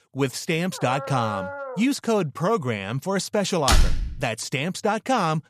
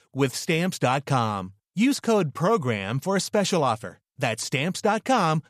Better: second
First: dog barking; noticeable; from 0.5 to 2 s; peak 7 dB below the speech // door banging; loud; at 3.5 s; peak 3 dB above the speech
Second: none

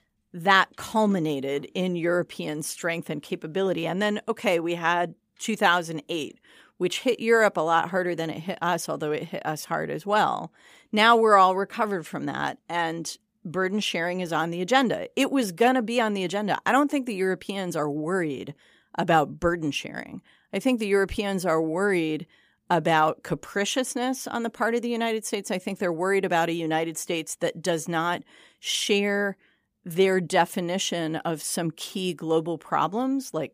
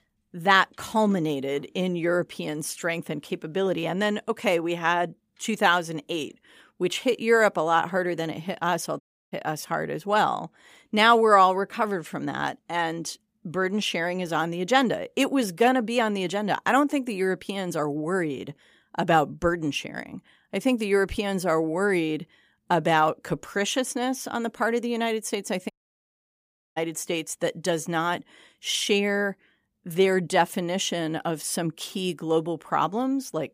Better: first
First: none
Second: audio cutting out; at 9 s and at 26 s for 1 s

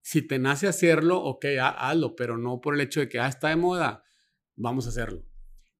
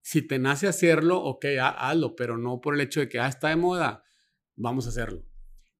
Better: neither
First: none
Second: none

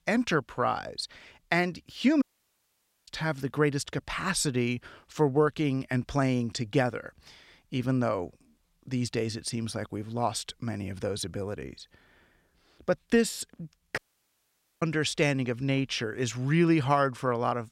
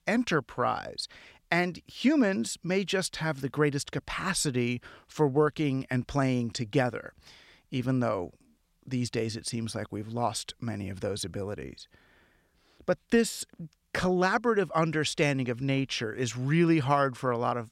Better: second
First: audio cutting out; at 2 s for 1 s and at 14 s for 1 s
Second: none

